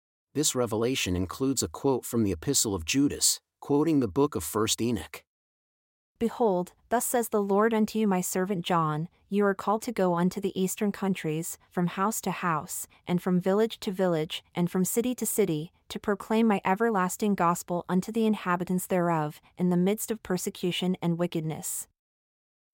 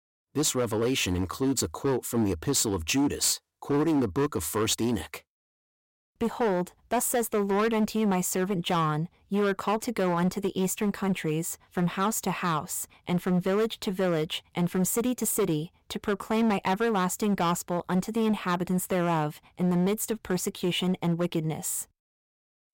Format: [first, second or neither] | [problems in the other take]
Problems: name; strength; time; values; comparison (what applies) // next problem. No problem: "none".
first | distortion; slight; 11% of the sound clipped